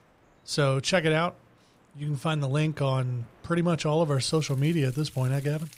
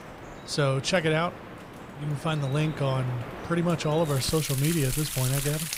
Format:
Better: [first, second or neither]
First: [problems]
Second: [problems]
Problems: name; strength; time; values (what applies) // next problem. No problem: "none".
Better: first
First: rain or running water; faint; throughout; 25 dB below the speech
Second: rain or running water; loud; throughout; 8 dB below the speech